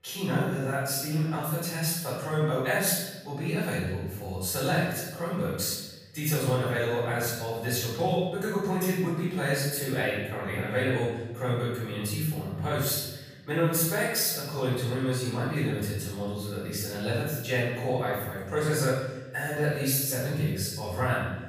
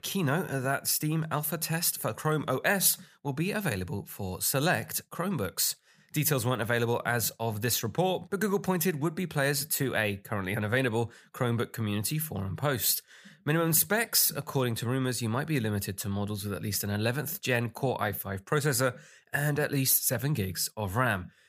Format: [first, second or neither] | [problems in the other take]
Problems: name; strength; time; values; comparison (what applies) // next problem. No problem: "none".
second | off-mic speech; far // room echo; strong; dies away in 1 s